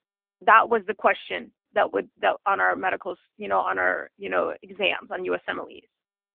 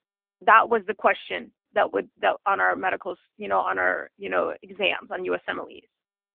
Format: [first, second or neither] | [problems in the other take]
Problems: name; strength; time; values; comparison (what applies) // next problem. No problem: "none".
neither | phone-call audio; the same in both